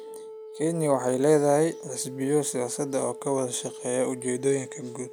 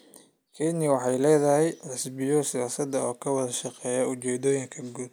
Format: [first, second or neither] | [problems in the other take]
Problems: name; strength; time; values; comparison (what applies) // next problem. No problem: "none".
second | background sound (Wind instrument, woodwind instrument); 15 dB below the speech